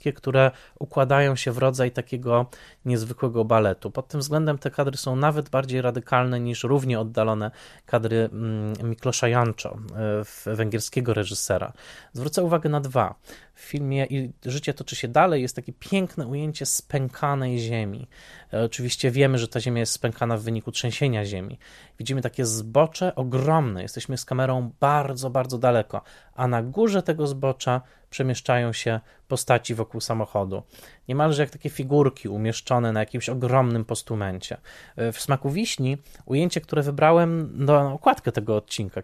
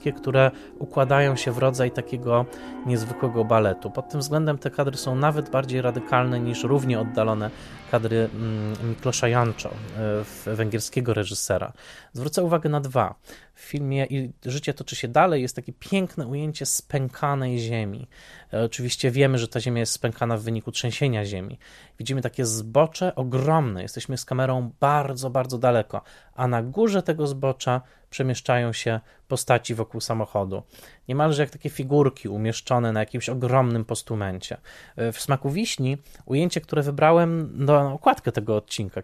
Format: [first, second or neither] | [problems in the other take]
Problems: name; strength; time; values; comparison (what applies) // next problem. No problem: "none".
first | background music; noticeable; until 11 s; 15 dB below the speech